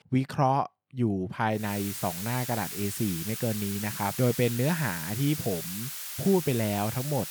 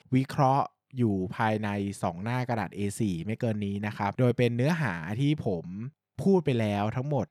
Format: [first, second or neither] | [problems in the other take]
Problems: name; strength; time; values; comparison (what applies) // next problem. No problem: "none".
second | hiss; loud; from 1.5 s on; 6 dB below the speech